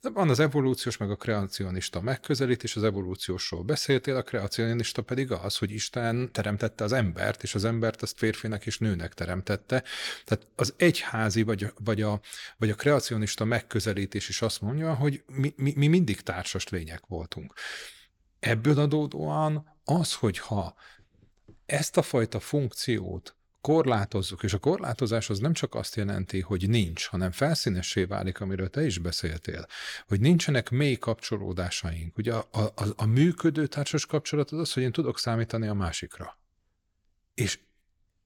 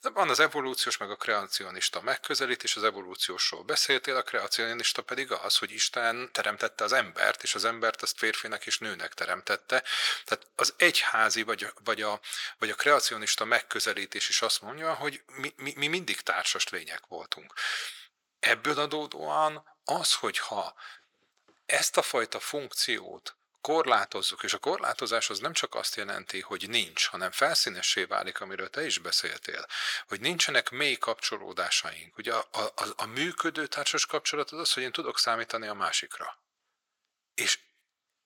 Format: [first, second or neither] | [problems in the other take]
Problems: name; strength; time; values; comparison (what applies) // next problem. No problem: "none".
first | thin; very; fading below 700 Hz